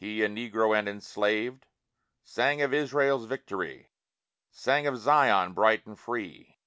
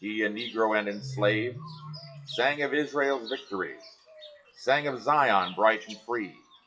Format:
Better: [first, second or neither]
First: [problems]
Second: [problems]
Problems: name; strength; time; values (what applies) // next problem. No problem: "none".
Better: first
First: none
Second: noise reduction (classical method WPE with log-MMSE)